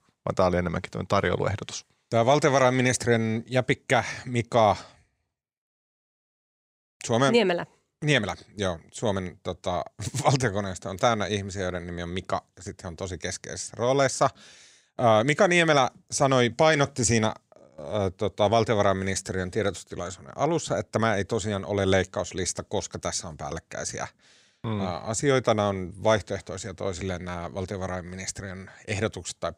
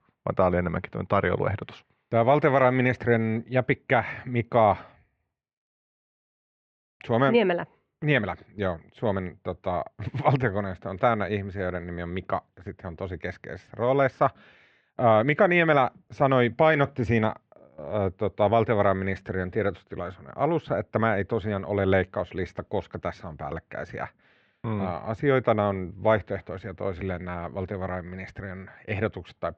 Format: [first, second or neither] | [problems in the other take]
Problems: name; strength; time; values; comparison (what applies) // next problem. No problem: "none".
first | muffled; very; fading above 2.5 kHz